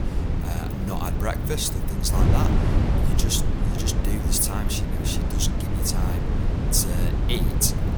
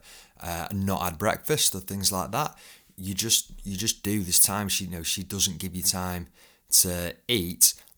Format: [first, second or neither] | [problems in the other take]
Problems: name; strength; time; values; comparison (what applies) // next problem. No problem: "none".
second | wind noise on the microphone; heavy; 4 dB below the speech